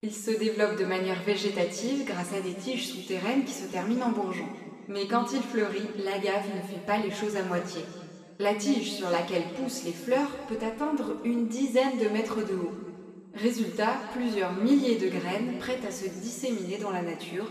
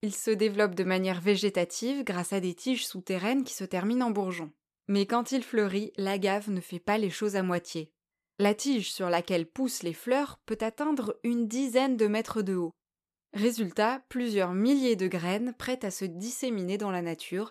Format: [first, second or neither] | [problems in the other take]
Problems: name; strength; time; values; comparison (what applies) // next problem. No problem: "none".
second | room echo; noticeable; dies away in 1.9 s // off-mic speech; far